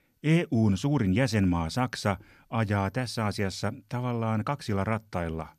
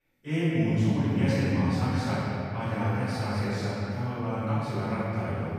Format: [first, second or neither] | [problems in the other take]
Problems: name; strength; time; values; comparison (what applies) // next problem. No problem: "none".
first | off-mic speech; far // room echo; strong; dies away in 2.8 s